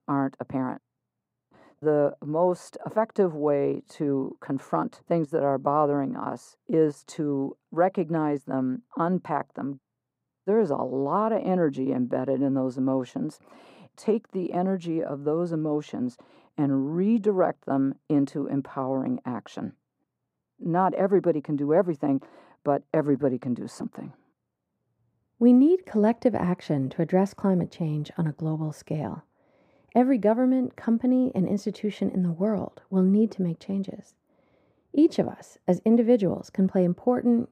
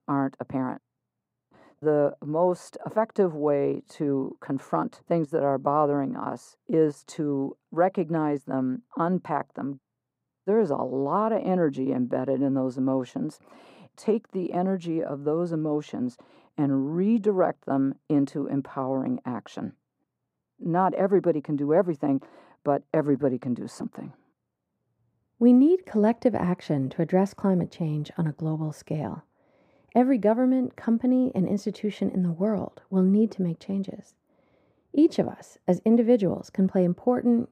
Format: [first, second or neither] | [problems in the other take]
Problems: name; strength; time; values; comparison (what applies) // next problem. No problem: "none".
neither | muffled; very; fading above 2 kHz; the same in both